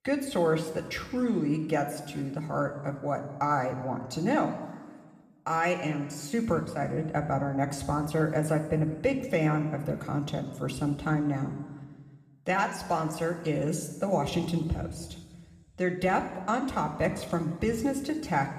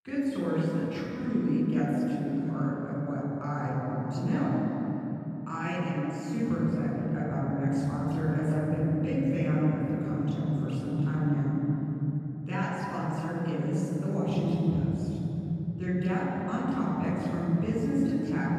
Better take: first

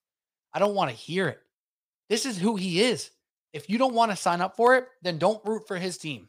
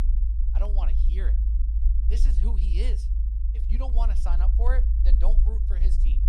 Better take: first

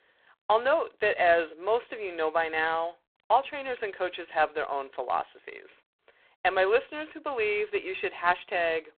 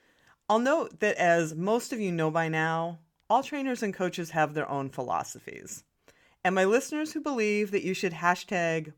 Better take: second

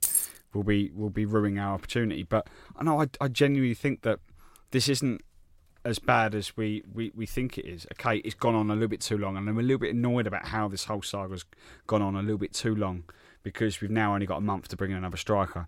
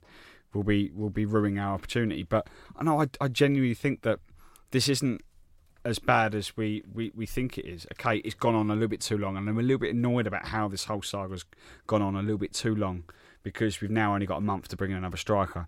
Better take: second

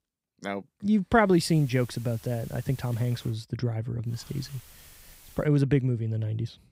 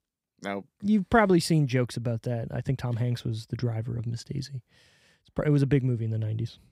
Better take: second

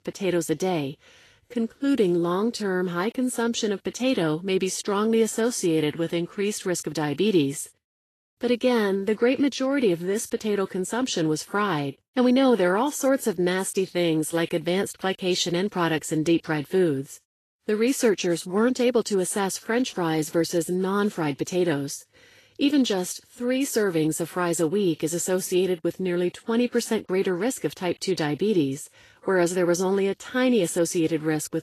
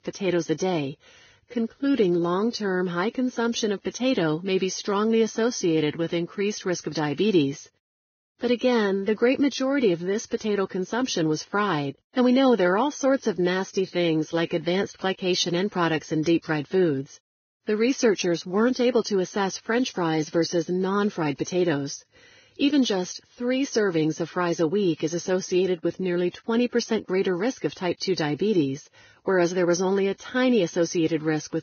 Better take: first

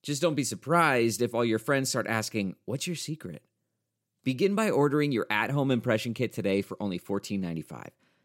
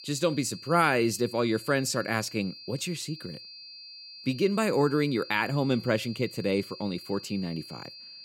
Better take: first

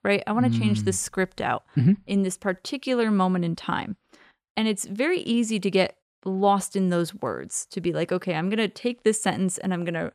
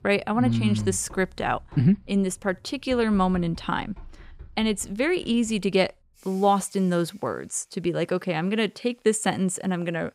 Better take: first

